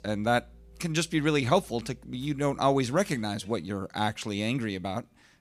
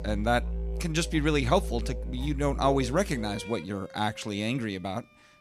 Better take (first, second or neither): first